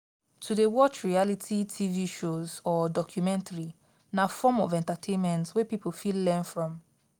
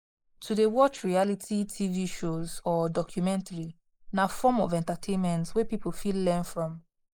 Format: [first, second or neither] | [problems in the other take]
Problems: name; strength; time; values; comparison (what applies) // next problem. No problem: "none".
first | noise reduction (neural mask model Resemble Enhance denoiser)